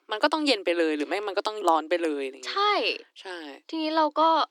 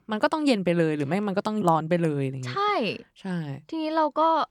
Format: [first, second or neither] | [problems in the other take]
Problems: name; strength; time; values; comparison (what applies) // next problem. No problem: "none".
second | thin; somewhat; fading below 300 Hz